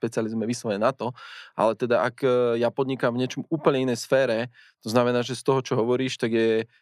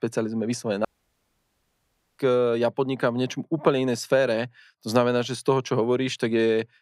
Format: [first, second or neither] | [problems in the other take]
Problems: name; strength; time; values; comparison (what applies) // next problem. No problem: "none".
first | audio cutting out; at 1 s for 1.5 s